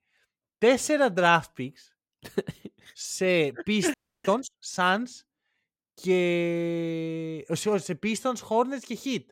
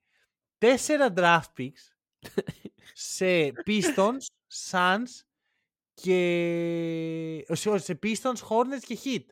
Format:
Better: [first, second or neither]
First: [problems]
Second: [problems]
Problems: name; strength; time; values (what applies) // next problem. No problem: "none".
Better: second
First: audio freezing; at 4 s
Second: none